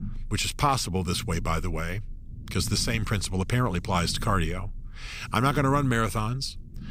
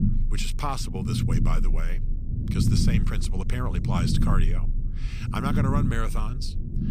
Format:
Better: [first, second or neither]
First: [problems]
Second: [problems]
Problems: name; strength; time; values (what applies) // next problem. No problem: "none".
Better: first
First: low rumble; faint; throughout; 25 dB below the speech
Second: low rumble; loud; throughout; 4 dB below the speech